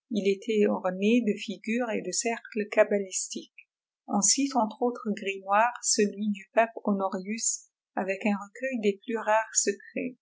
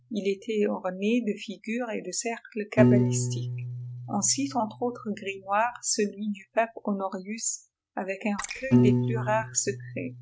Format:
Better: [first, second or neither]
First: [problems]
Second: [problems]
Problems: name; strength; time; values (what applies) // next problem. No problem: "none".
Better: first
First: none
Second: noise reduction (neural mask model RNNoise)